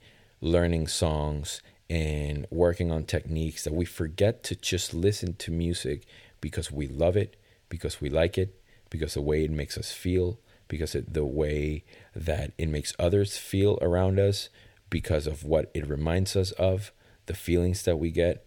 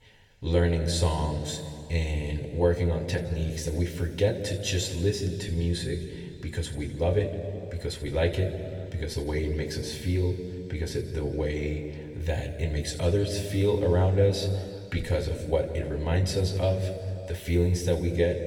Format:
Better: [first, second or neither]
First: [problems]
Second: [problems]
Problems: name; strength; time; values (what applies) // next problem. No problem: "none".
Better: first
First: none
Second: room echo; slight; dies away in 2 s // off-mic speech; somewhat distant